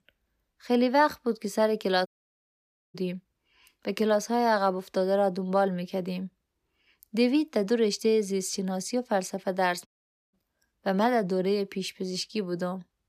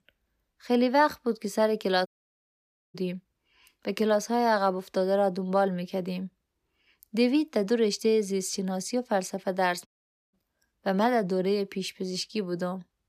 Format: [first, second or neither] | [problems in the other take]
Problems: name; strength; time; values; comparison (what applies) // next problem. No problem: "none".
neither | audio cutting out; at 2 s for 1 s and at 10 s; the same in both